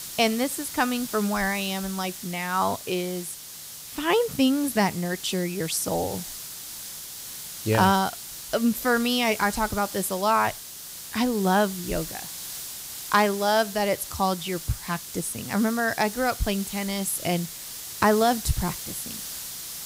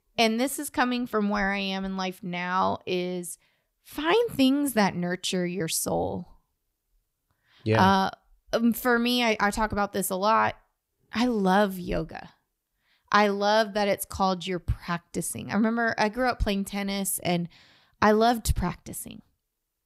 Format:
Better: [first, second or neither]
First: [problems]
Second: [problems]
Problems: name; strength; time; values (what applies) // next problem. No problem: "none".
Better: second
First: hiss; loud; throughout; 10 dB below the speech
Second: none